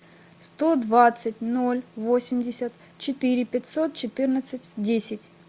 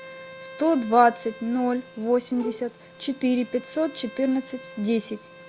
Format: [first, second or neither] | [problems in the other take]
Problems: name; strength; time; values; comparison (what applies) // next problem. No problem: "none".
first | background sound (Bowed string instrument + Bowed string instrument); 17 dB below the speech